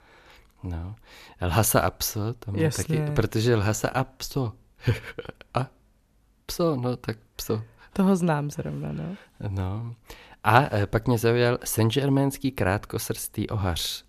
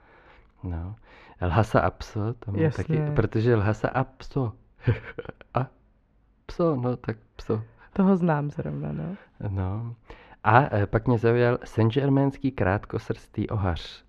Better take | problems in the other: first | muffled; very; fading above 2 kHz

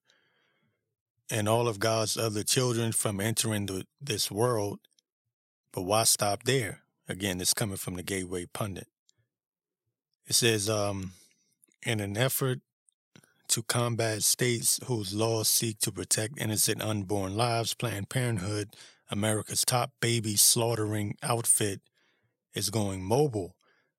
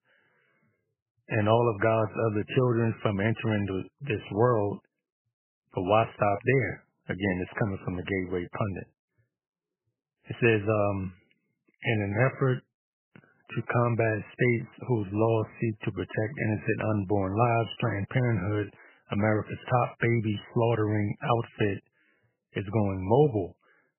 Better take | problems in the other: first | garbled, watery; badly; nothing above 3 kHz

